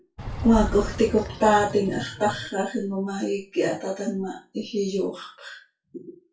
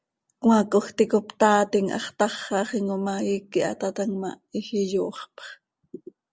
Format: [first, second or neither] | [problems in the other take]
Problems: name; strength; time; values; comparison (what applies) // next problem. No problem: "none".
second | noise reduction (classical method WPE with log-MMSE)